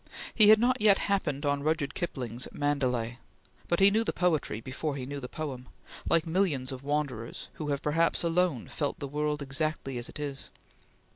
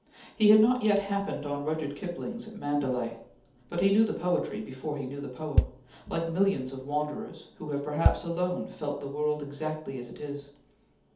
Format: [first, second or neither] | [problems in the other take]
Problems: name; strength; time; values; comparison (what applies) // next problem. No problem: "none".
first | background sound (Bass drum); 3 dB below the speech // room echo; dies away in 0.6 s